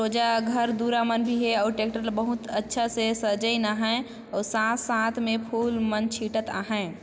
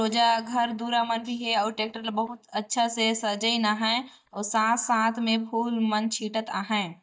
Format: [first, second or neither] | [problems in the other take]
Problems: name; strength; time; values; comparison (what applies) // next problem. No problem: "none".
first | noise reduction (neural mask model DeepFilterNet 3)